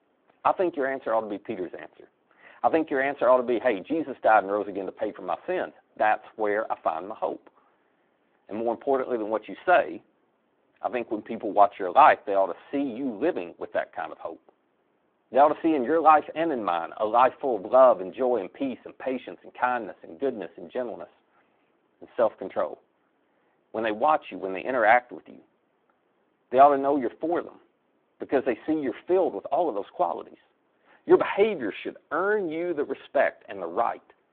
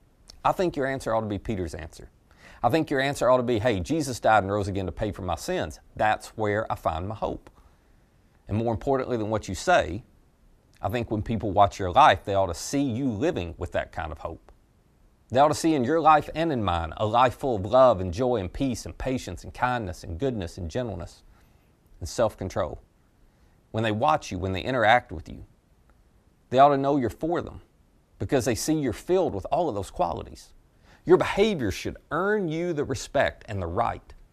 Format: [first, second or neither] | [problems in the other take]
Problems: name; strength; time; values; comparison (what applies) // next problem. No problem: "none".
second | phone-call audio; nothing above 3.5 kHz